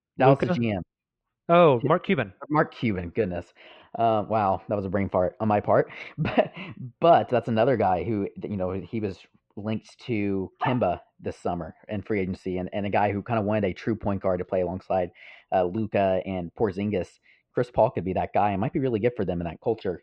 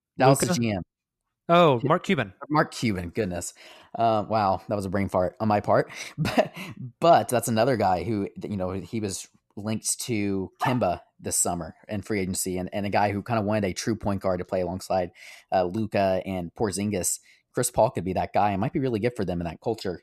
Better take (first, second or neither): second